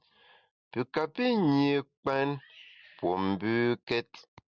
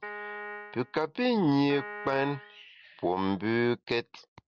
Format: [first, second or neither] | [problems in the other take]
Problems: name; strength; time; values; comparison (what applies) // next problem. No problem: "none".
first | background sound (Piano); 11 dB below the speech